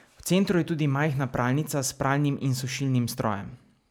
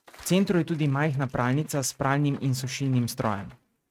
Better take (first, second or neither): first